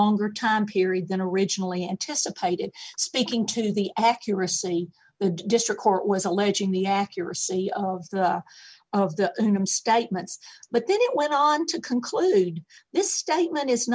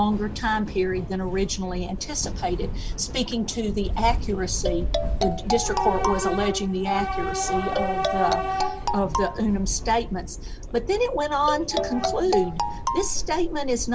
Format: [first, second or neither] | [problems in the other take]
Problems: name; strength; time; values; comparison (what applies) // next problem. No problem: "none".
first | background sound (Marimba, xylophone + Subway, metro, underground / Train); 2 dB below the speech